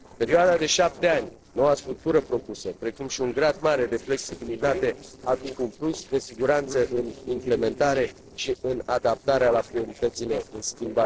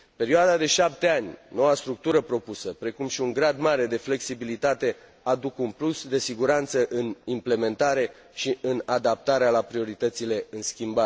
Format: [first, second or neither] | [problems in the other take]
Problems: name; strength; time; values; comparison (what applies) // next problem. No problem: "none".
second | noise reduction (neural separator model SepFormer DNS4)